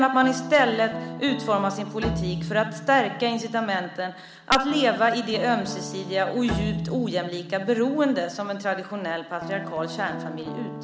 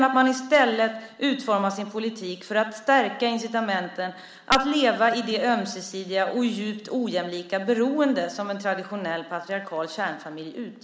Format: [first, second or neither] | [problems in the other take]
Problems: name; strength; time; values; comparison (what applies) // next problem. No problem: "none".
second | background sound (Bowed string instrument + Guitar); 10 dB below the speech